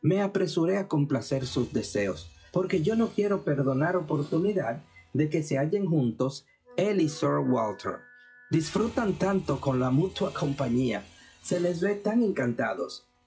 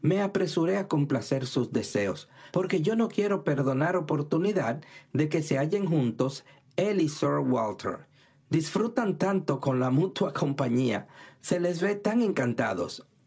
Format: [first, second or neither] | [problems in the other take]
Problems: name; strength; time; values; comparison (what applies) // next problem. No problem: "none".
second | noise reduction (classical method log-MMSE)